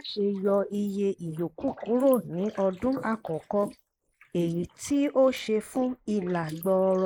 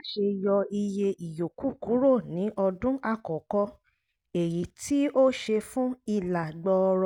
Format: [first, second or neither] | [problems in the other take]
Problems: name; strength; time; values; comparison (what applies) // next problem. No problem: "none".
second | noise reduction (neural mask model Resemble Enhance denoiser)